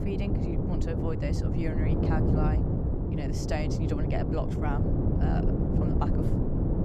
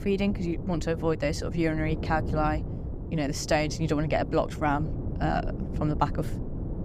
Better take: second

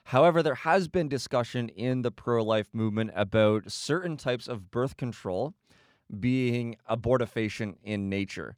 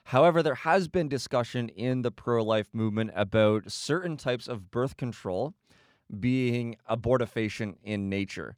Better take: neither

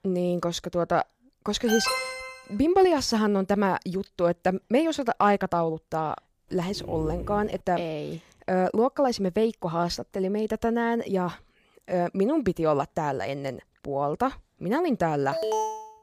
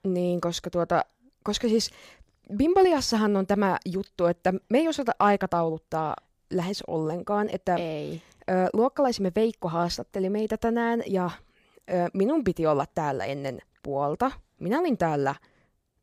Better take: second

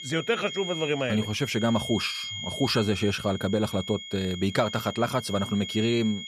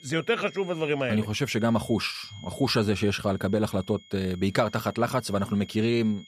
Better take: second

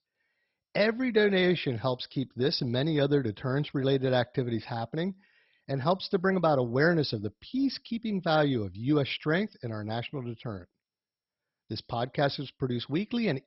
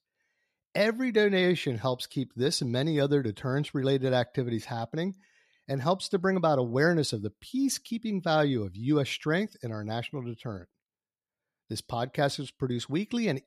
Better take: second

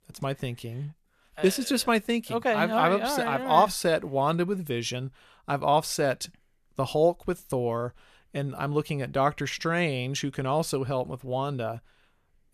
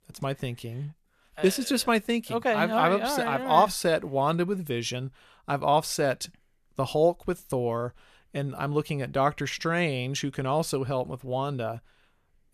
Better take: neither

